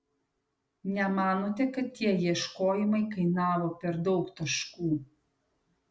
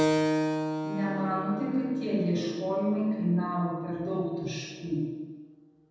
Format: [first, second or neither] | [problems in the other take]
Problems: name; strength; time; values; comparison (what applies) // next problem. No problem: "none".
first | background sound (Keyboard (musical)); 3 dB below the speech // room echo; dies away in 1.2 s